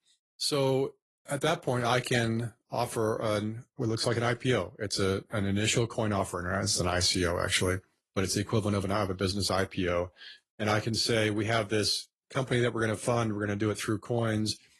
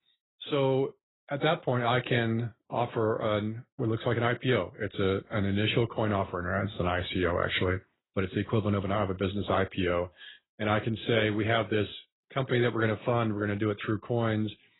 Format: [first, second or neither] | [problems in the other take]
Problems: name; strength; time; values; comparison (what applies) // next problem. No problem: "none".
first | garbled, watery; badly; nothing above 4 kHz; slightly in the first